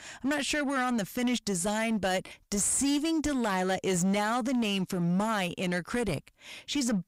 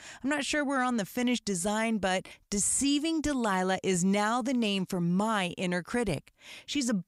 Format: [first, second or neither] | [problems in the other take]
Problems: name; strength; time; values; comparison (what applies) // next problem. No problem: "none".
second | distortion; slight; 12% of the sound clipped